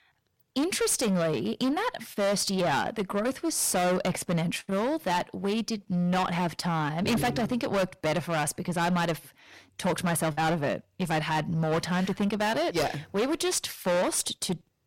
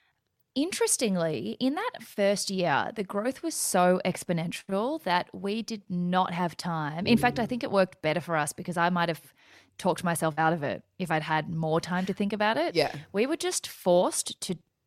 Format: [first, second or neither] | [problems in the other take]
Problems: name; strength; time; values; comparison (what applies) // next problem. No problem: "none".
second | distortion; heavy; 17% of the sound clipped